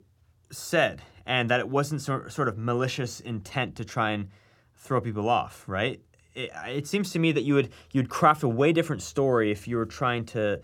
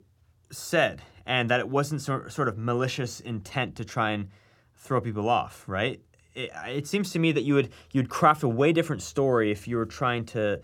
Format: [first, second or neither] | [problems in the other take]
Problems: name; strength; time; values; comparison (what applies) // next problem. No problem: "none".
neither | none